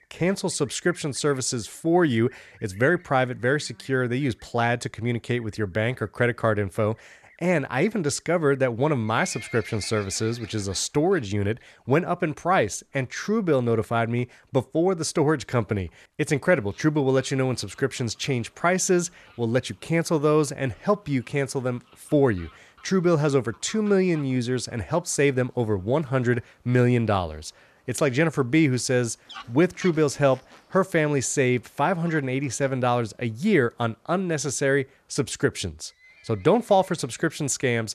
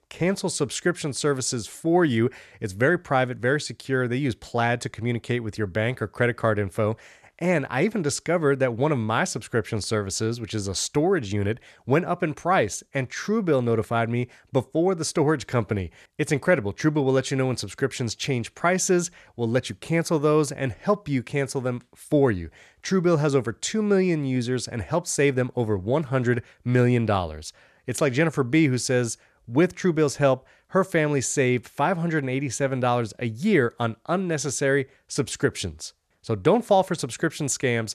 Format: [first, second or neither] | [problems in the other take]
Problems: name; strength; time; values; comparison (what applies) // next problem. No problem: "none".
second | animal sounds; faint; throughout; 25 dB below the speech